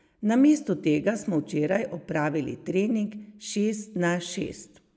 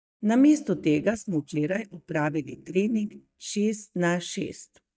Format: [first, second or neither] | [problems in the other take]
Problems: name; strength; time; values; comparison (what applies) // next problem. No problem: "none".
first | noise reduction (neural mask model DeepFilterNet 3)